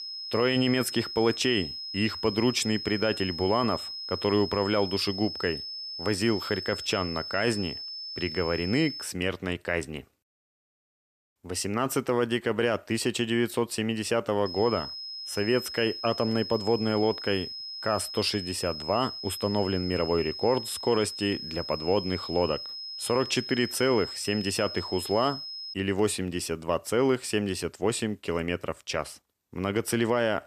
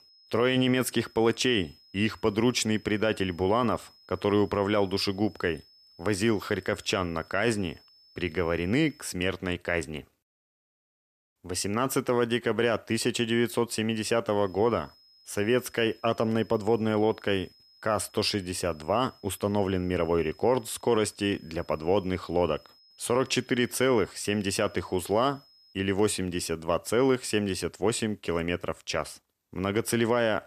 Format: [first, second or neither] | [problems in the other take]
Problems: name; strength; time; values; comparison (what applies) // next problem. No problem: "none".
second | high-pitched whine; loud; until 9 s and from 14 to 26 s; 5 kHz, 7 dB below the speech; faint in the second